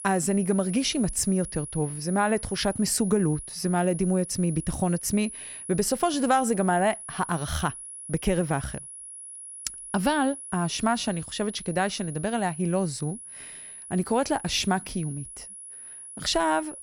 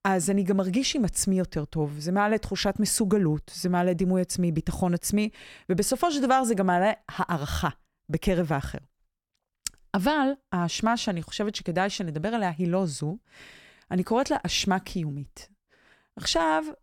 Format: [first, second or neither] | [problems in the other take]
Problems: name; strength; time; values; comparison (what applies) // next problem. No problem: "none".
second | high-pitched whine; noticeable; throughout; 10.5 kHz, 10 dB below the speech